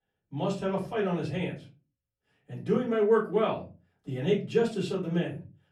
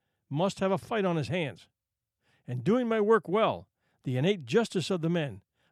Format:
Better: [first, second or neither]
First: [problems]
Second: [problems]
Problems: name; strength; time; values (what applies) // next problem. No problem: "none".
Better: second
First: off-mic speech; far // room echo; slight; dies away in 0.3 s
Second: none